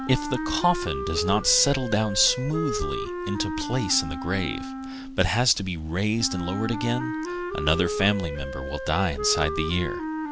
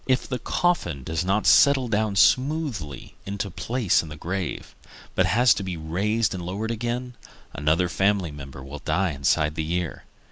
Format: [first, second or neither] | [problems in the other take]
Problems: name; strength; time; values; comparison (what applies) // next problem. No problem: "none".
second | background sound (Wind instrument, woodwind instrument); 6 dB below the speech